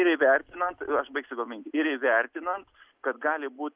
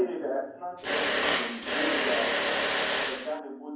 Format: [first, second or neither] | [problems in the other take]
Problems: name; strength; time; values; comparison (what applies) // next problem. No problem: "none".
first | background sound (Mechanisms); 4 dB above the speech // room echo; dies away in 0.9 s